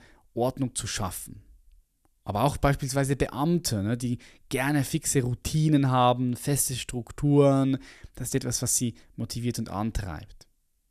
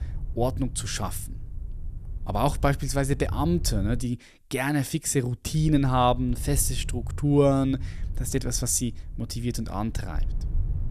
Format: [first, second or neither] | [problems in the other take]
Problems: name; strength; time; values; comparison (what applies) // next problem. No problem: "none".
first | low rumble; faint; until 4 s and from 5.5 s on; 25 dB below the speech